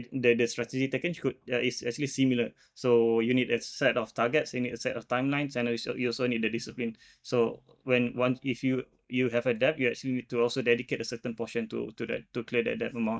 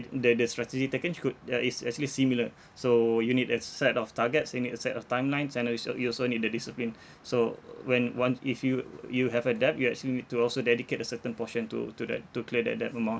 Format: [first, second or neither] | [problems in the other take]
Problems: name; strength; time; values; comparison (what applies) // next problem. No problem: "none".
second | noise reduction (neural mask model DeepFilterNet 3)